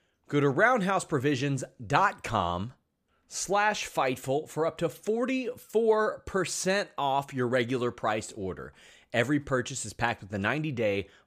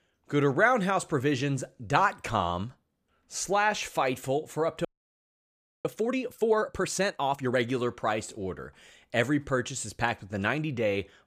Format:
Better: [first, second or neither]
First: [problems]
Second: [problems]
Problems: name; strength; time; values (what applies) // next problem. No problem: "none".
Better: first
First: none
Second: audio freezing; at 5 s for 1 s